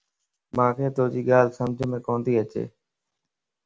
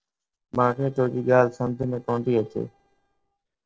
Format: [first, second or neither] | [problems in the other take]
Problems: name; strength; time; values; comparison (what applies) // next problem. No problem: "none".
first | noise reduction (neural separator model SepFormer DNS4)